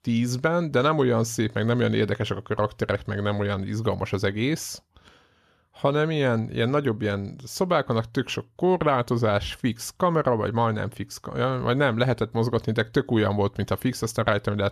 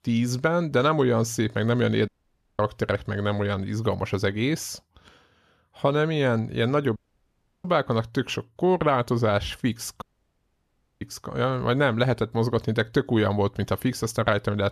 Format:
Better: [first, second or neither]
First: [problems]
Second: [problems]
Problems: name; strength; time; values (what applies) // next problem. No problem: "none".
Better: first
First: none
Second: audio cutting out; at 2 s for 0.5 s, at 7 s for 0.5 s and at 10 s for 1 s